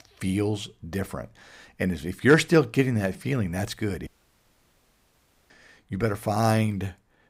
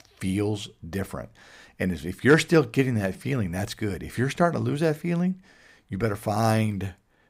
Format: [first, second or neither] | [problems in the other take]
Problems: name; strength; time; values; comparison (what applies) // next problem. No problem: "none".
second | audio cutting out; at 4 s for 1.5 s